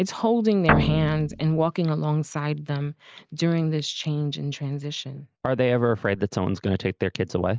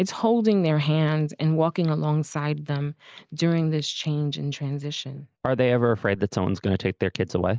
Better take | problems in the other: second | background sound (Guitar); 1 dB below the speech

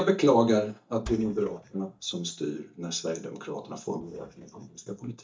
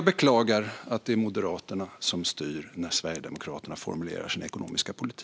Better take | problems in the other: second | noise reduction (neural mask model DeepFilterNet 3)

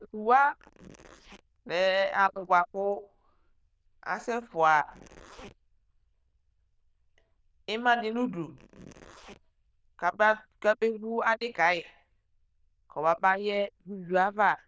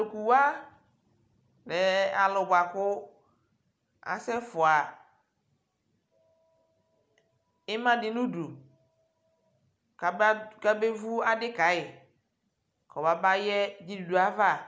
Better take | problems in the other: second | noise reduction (neural diffusion model UNIVERSE++)

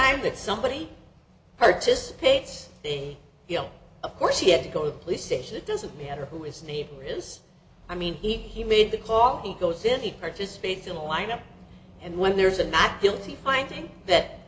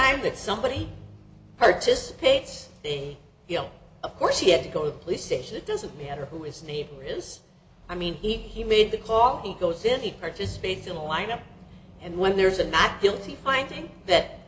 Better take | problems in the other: first | background sound (Bowed string instrument); 19 dB below the speech

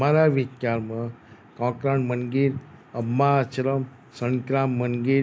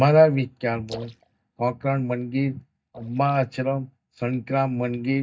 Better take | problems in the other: first | noise reduction (neural mask model DeepFilterNet 3)

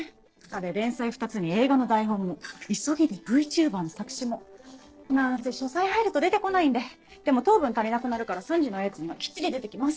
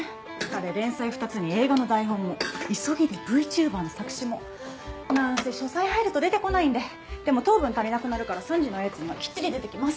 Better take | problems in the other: second | noise reduction (neural separator model SepFormer DNS4)

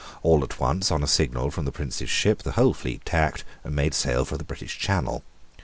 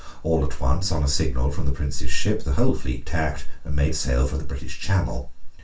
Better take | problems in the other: first | room echo; dies away in 0.2 s

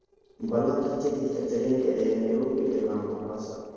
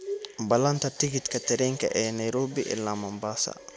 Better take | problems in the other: second | noise reduction (neural separator model SepFormer DNS4)

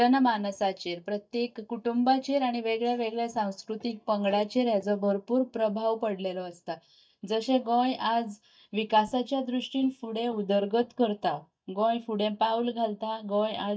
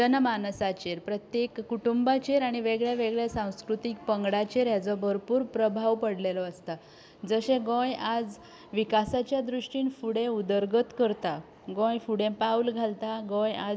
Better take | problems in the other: second | noise reduction (neural mask model DeepFilterNet 3)

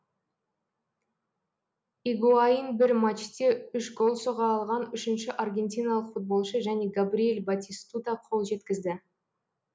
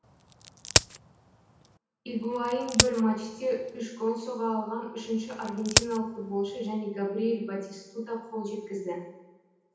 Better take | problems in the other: first | background sound (Crack); 1 dB above the speech // room echo; dies away in 0.9 s

